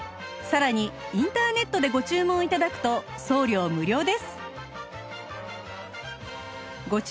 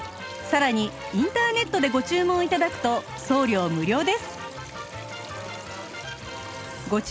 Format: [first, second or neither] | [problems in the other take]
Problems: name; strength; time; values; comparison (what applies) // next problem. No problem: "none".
first | background sound (Trickle, dribble / Sink (filling or washing) / Water tap, faucet); 19 dB below the speech